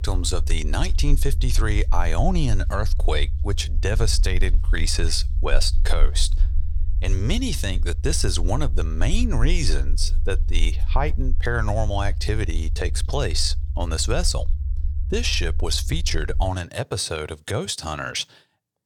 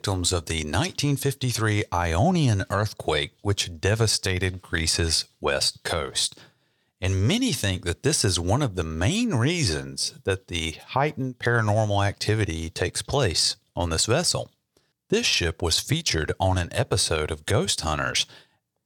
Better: second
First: low rumble; noticeable; until 16 s; 20 dB below the speech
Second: none

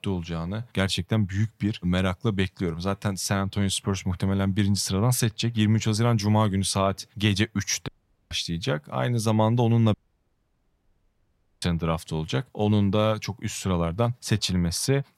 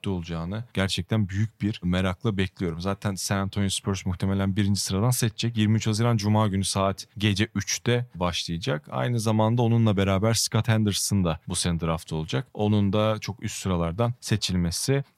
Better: second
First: audio cutting out; at 8 s and at 10 s for 1.5 s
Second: none

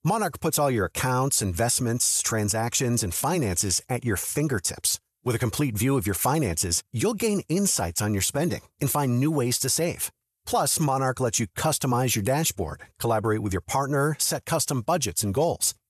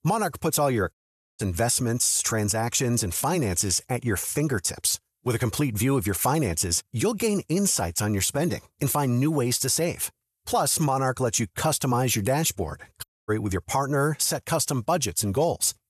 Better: first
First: none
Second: audio cutting out; at 1 s and at 13 s

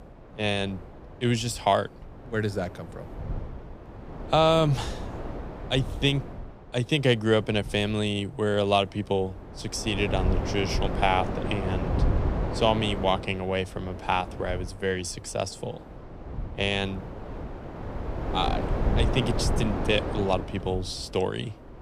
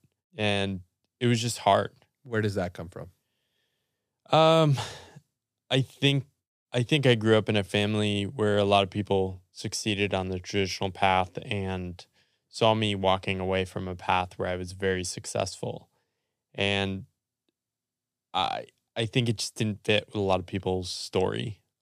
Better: second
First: wind noise on the microphone; heavy; 10 dB below the speech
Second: none

